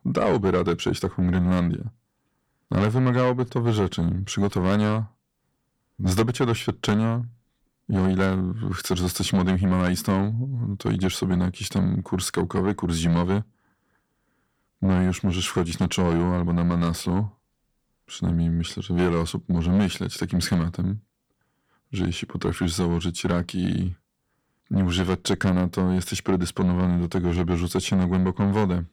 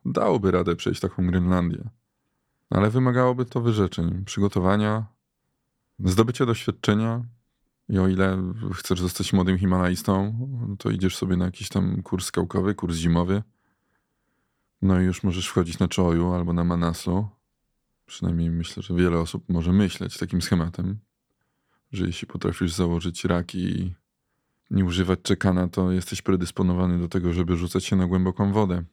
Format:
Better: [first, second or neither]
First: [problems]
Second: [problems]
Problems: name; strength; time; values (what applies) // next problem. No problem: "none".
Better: second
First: distortion; slight; 10 dB below the speech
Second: none